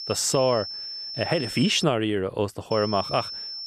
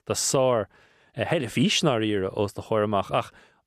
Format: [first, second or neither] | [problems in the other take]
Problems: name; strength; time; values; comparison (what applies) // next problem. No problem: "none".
second | high-pitched whine; loud; until 2 s and at 2.5 s; 5.5 kHz, 8 dB below the speech